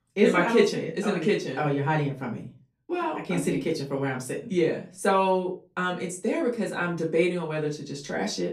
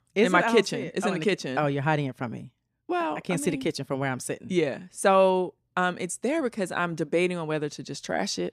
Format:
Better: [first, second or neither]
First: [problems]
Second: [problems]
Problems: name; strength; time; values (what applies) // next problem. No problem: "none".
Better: second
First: off-mic speech; far // room echo; very slight; dies away in 0.2 s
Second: none